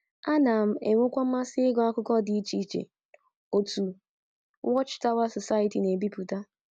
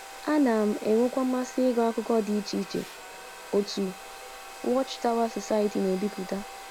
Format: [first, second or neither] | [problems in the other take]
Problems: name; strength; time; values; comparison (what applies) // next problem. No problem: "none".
first | background sound (Domestic sounds, home sounds); 15 dB below the speech